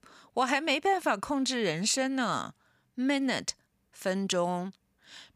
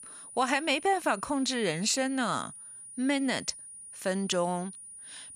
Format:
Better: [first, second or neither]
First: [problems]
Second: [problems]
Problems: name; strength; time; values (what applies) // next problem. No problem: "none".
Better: first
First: none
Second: high-pitched whine; noticeable; throughout; 9.5 kHz, 15 dB below the speech